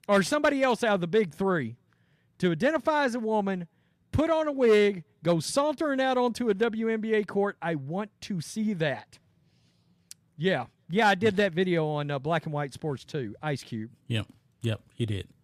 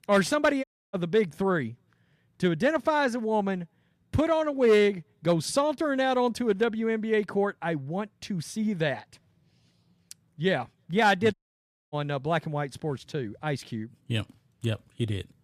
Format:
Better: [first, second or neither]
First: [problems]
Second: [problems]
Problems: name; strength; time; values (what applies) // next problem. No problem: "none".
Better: first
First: none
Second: audio cutting out; at 0.5 s and at 11 s for 0.5 s